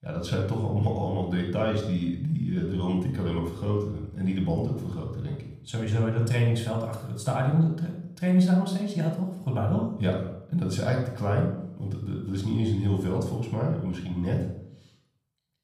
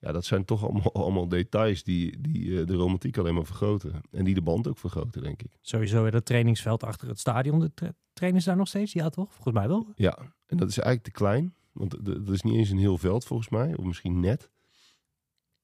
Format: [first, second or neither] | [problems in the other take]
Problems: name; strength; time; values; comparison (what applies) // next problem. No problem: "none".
second | off-mic speech; somewhat distant // room echo; noticeable; dies away in 0.6 s